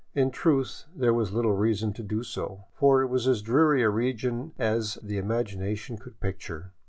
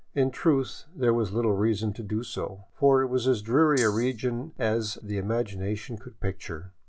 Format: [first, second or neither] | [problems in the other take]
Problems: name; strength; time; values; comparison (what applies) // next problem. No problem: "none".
first | background sound (Rattle (instrument)); 12 dB below the speech